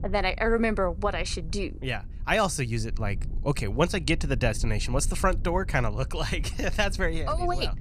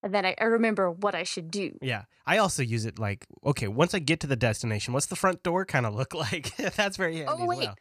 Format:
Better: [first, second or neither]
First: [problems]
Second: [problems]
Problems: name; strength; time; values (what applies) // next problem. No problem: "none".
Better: second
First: low rumble; faint; throughout; 25 dB below the speech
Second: none